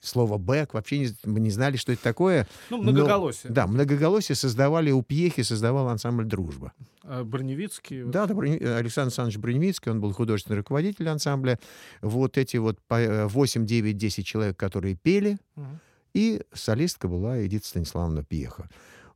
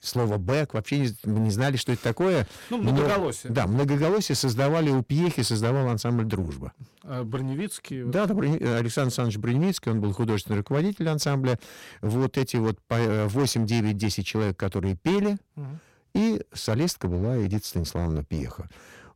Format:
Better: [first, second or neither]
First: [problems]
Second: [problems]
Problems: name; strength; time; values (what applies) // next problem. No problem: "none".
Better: first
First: none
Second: distortion; slight; 15% of the sound clipped